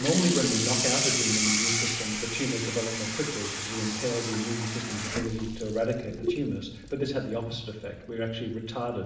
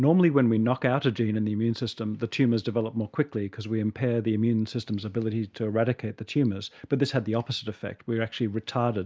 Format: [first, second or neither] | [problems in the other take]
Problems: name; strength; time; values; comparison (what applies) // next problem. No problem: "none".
second | background sound (Sink (filling or washing) / Water tap, faucet); 1 dB below the speech // room echo; dies away in 0.9 s